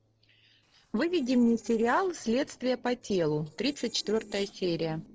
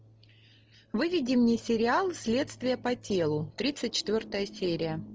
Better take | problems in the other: second | noise reduction (neural separator model SepFormer DNS4)

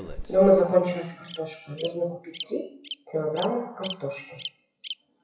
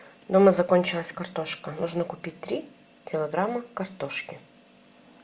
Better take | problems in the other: second | noise reduction (classical method WPE with log-MMSE)

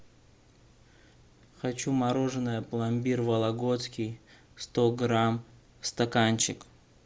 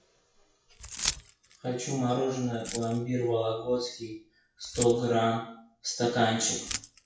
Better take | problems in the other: first | noise reduction (classical method WPE with log-MMSE)

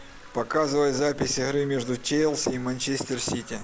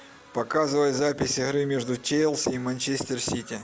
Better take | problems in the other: second | background sound (Bathtub (filling or washing)); 18 dB below the speech

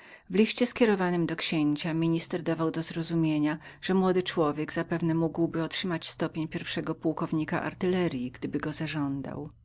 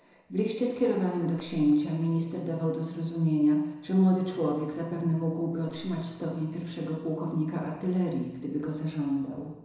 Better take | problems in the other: first | noise reduction (neural separator model SepFormer DNS4)

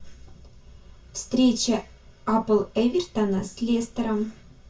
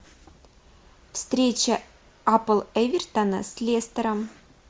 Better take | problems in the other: second | room echo; dies away in 0.1 s

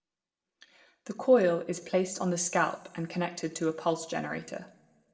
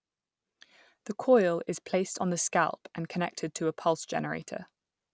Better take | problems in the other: second | room echo; dies away in 0.6 s

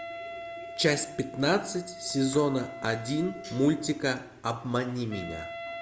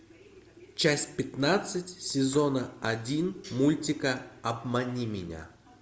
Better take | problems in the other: second | background sound (Wind instrument, woodwind instrument); 12 dB below the speech

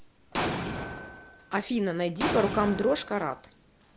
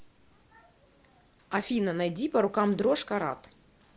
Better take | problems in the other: second | background sound (Explosion); 4 dB below the speech

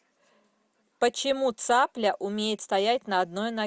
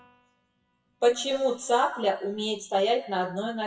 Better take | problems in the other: first | noise reduction (classical method WPE with log-MMSE)

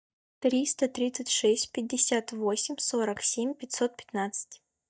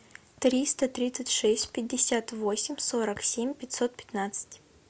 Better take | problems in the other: second | noise reduction (neural mask model DeepFilterNet 3)

